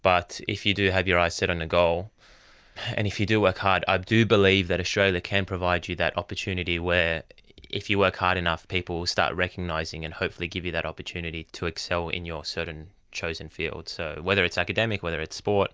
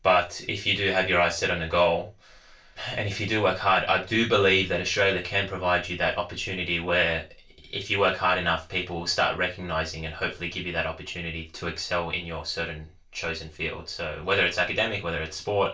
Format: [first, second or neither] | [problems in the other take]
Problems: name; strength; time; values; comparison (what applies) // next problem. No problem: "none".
first | room echo; dies away in 0.2 s